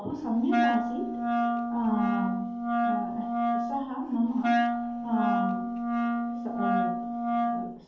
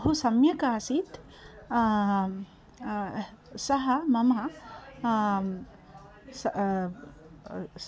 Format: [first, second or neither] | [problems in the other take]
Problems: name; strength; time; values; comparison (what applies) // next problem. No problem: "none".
second | background sound (Wind instrument, woodwind instrument); 4 dB above the speech // room echo; dies away in 2.2 s